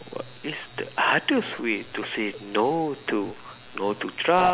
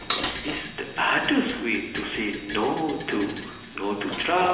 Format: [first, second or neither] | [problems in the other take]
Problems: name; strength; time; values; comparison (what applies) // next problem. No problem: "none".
first | background sound (Dishes, pots, and pans); 10 dB below the speech // room echo; dies away in 1 s